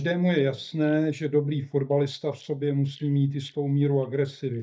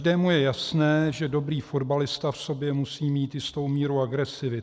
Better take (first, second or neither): second